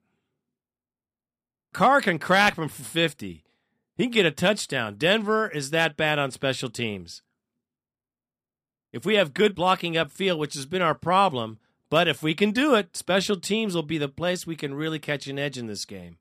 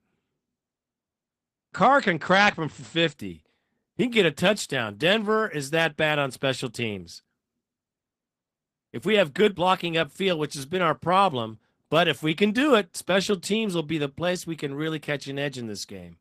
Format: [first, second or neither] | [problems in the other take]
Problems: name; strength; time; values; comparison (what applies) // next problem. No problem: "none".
first | garbled, watery; slightly; nothing above 14.5 kHz